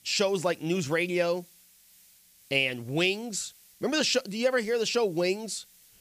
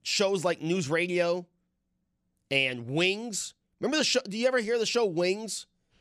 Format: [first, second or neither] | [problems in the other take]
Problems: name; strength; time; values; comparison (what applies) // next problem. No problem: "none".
second | hiss; faint; throughout; 25 dB below the speech